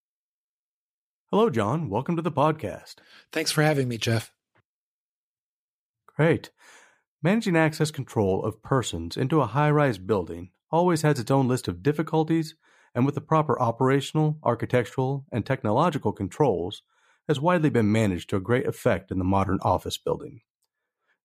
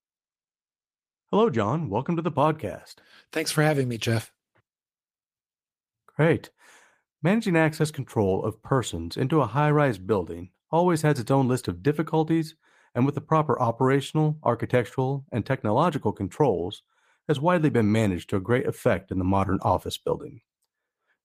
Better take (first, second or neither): first